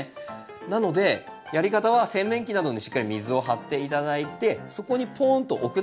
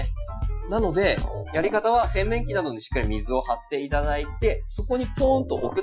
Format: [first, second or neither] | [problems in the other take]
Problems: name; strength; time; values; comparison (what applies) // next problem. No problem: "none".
first | noise reduction (classical method Wiener filter)